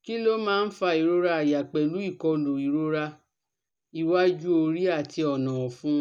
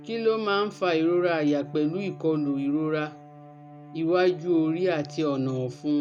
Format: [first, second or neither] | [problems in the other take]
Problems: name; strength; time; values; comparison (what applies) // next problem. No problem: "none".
first | background sound (Bowed string instrument); 18 dB below the speech